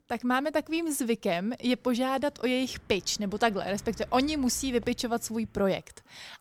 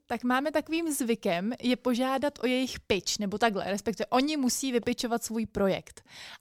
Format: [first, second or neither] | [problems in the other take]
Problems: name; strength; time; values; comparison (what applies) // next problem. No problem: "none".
second | traffic noise; faint; throughout; 25 dB below the speech